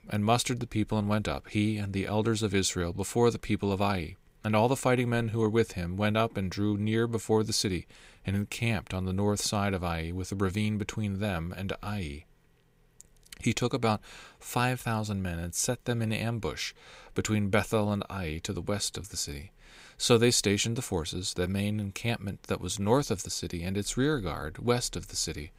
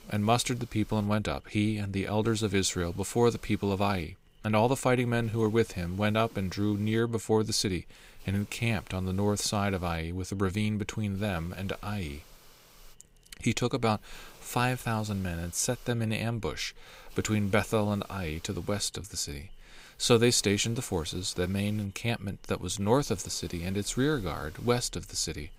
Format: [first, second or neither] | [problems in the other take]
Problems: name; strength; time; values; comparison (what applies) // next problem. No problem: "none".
first | hiss; faint; throughout; 25 dB below the speech